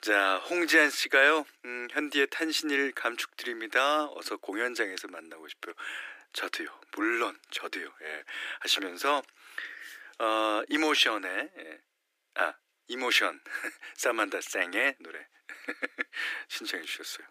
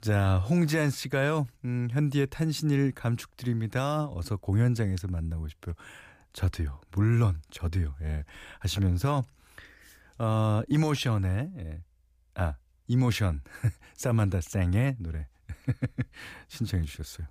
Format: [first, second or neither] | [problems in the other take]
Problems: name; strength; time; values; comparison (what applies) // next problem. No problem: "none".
second | thin; very; fading below 300 Hz